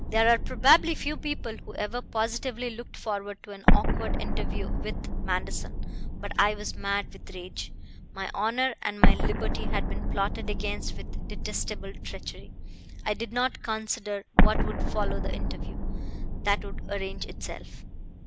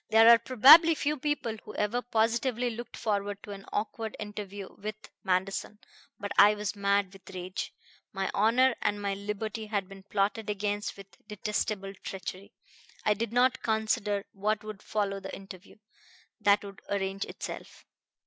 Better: second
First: background sound (Explosion); 5 dB above the speech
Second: none

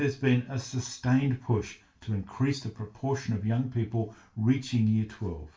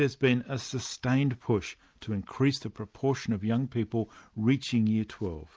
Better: second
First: room echo; dies away in 0.3 s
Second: none

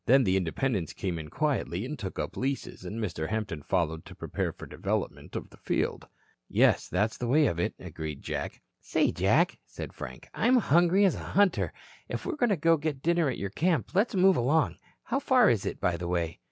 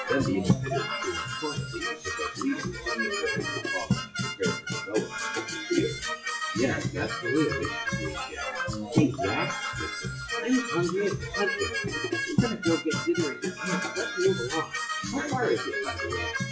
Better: first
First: none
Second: noise reduction (classical method WPE with log-MMSE)

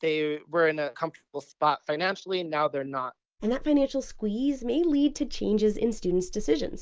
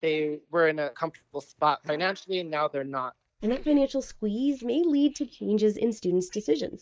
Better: first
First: none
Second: noise reduction (neural mask model DeepFilterNet 3)

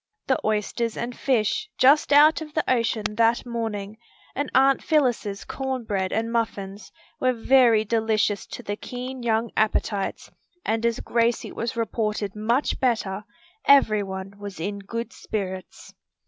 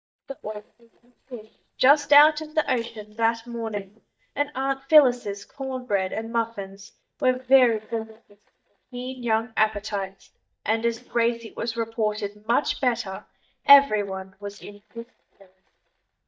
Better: first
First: none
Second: noise reduction (neural mask model DeepFilterNet 3)

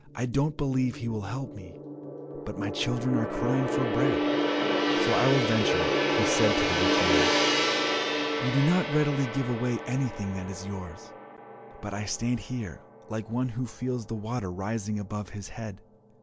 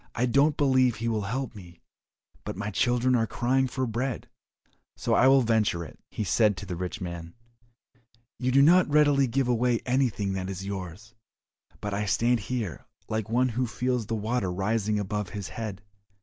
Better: second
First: background sound (Gong); 1 dB above the speech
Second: none

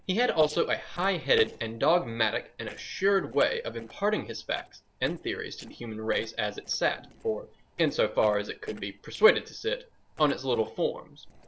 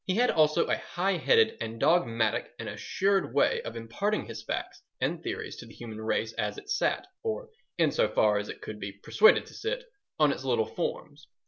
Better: second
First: noise reduction (neural separator model SepFormer DNS4)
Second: none

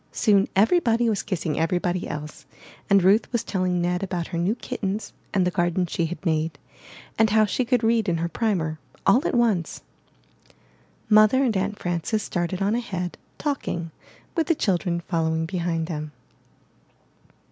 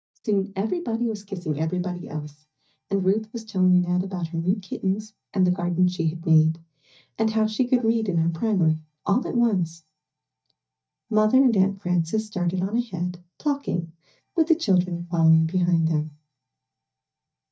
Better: first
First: none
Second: noise reduction (neural mask model DeepFilterNet 3)

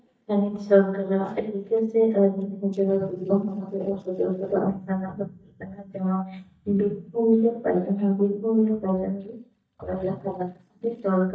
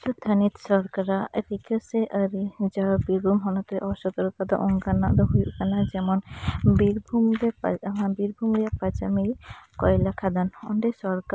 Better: second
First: noise reduction (neural mask model DeepFilterNet 3)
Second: none

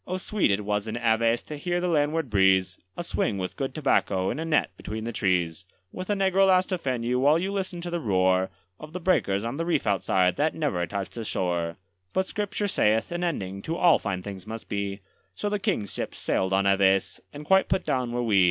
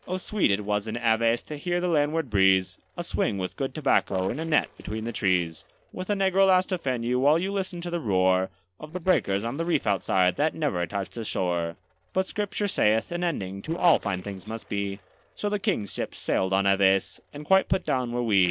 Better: first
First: none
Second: noise reduction (neural separator model SepFormer DNS4)

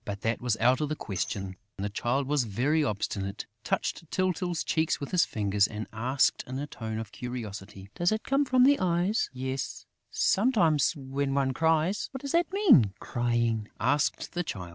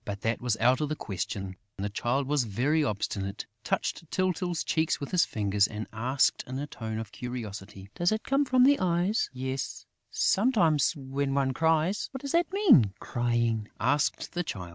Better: second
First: background sound (Tambourine); 19 dB below the speech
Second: none

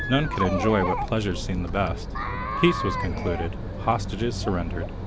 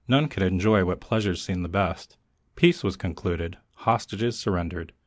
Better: second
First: background sound (Chatter); 3 dB below the speech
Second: none

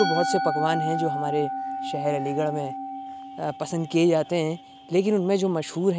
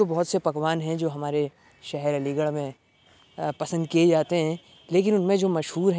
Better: second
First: background sound (Musical instrument); 5 dB below the speech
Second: none

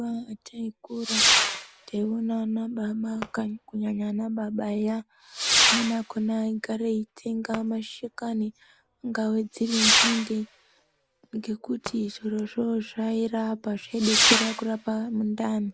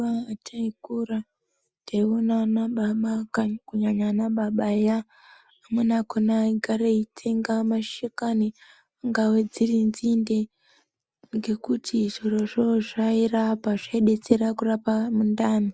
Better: second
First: background sound (Whoosh, swoosh, swish / Fireworks); 1 dB below the speech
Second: none

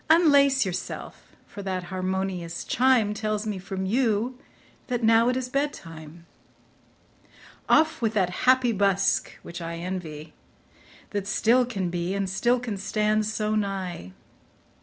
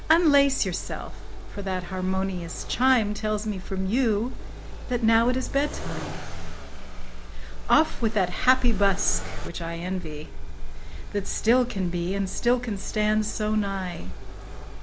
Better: first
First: none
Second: background sound (Accelerating, revving, vroom); 2 dB below the speech

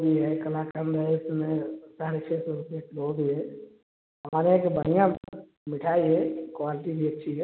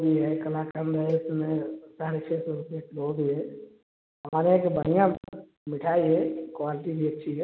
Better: first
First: none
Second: background sound (Cowbell); 10 dB below the speech

